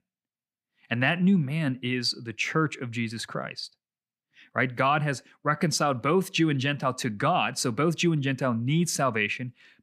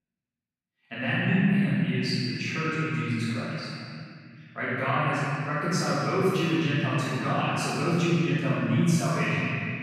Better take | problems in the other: first | room echo; strong; dies away in 2.5 s // off-mic speech; far

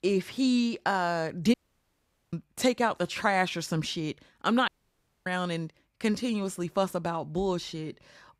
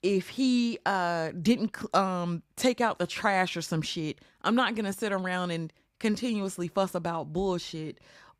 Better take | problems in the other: second | audio cutting out; at 1.5 s for 1 s and at 4.5 s for 0.5 s

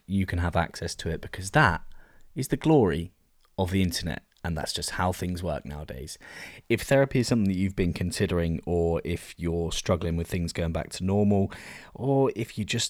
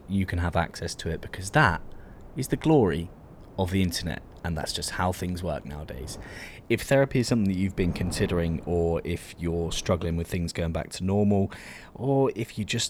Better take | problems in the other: first | wind noise on the microphone; occasional gusts; 25 dB below the speech

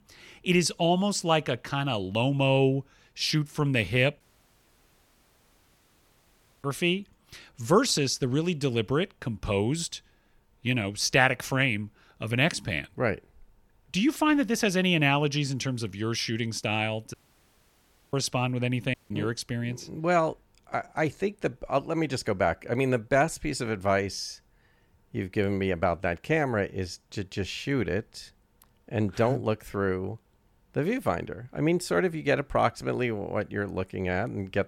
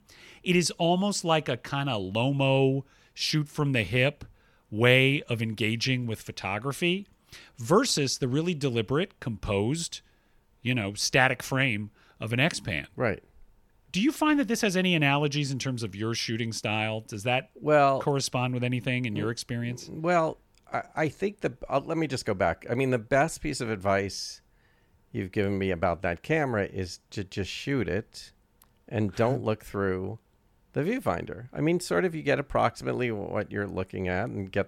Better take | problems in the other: second | audio cutting out; at 4 s for 2.5 s, at 17 s for 1 s and at 19 s

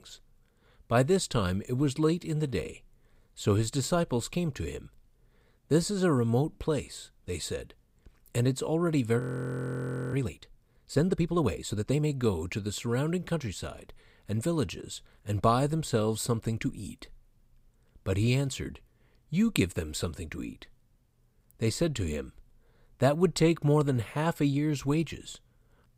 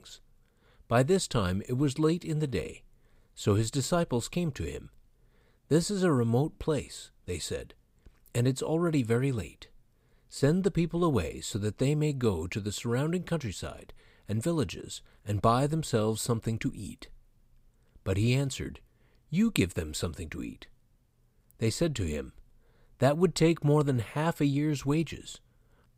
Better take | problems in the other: second | audio freezing; at 9 s for 1 s

